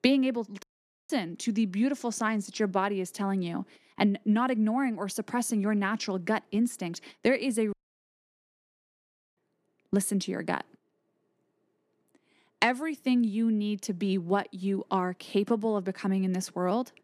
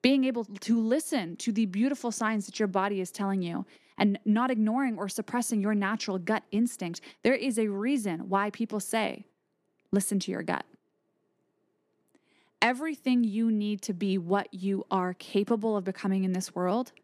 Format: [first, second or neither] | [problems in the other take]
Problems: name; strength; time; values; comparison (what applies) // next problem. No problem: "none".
second | audio cutting out; at 0.5 s and at 7.5 s for 1.5 s